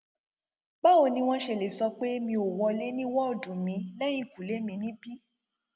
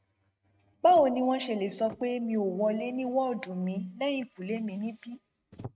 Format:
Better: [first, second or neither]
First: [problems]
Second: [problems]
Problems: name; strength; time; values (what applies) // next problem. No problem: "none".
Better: first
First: none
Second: noise reduction (neural mask model RNNoise)